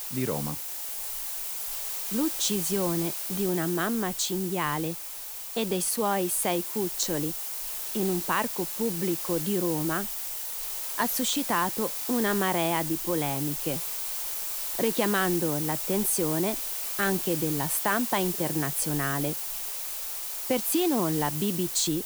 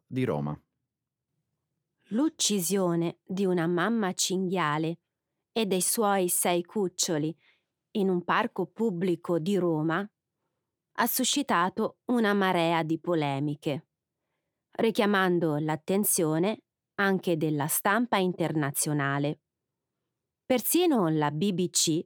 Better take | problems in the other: second | hiss; loud; throughout; 2 dB below the speech

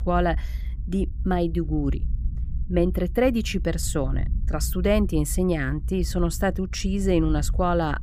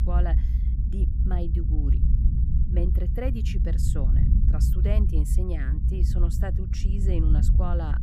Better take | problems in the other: first | low rumble; loud; throughout; 3 dB below the speech; faint in the first

